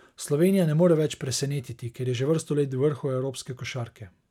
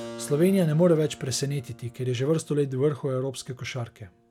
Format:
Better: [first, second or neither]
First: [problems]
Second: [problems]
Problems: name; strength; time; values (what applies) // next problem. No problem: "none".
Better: first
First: none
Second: background sound (Keyboard (musical)); 20 dB below the speech